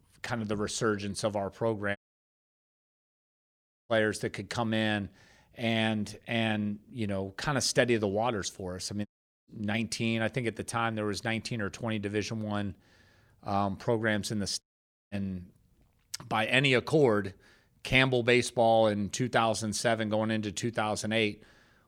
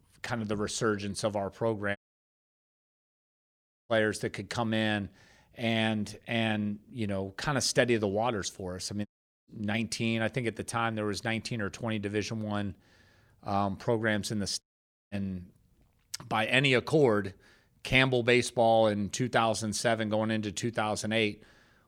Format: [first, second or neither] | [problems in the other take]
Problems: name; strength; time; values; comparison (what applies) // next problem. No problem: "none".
neither | audio cutting out; at 2 s for 2 s, at 9 s and at 15 s; the same in both